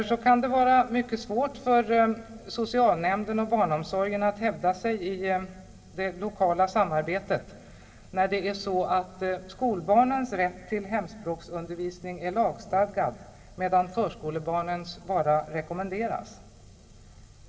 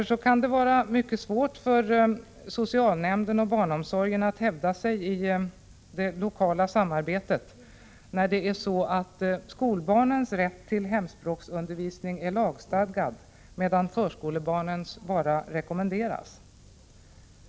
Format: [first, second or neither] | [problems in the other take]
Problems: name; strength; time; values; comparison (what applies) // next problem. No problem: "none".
second | room echo; dies away in 2.5 s